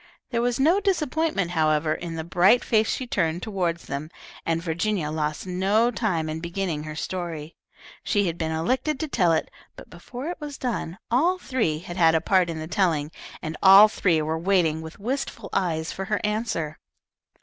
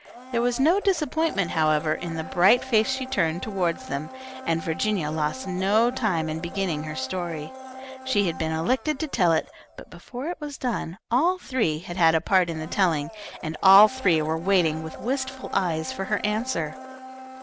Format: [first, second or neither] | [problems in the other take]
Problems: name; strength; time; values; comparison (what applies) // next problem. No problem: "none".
first | background sound (Domestic sounds, home sounds); 15 dB below the speech